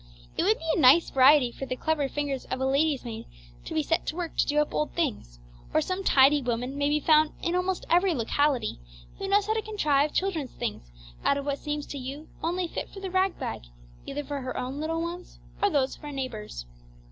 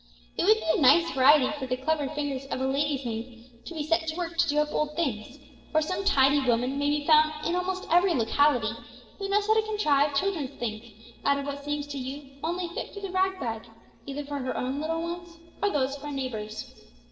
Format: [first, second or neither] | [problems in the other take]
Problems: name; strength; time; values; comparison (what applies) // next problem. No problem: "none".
first | noise reduction (neural separator model SepFormer DNS4)